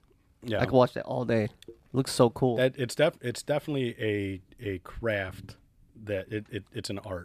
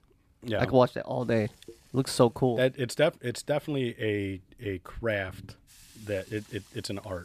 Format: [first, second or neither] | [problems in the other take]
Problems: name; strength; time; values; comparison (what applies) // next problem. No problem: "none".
first | hiss; very faint; from 1 to 2.5 s, from 3.5 to 5 s and from 5.5 s on; 25 dB below the speech